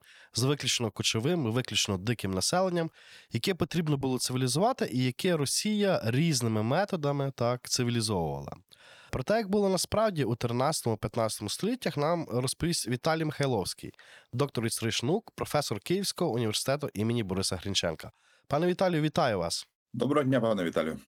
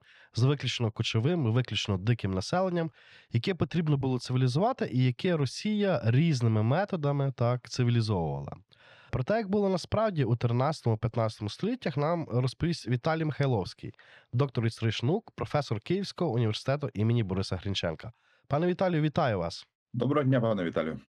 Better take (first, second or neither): first